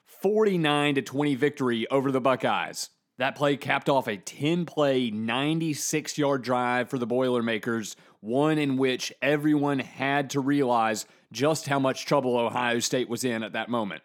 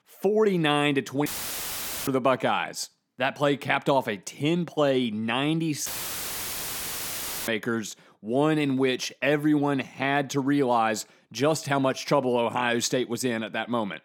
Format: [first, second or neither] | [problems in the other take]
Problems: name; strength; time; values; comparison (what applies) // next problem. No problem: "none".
first | audio cutting out; filled with static; at 1.5 s for 1 s and at 6 s for 1.5 s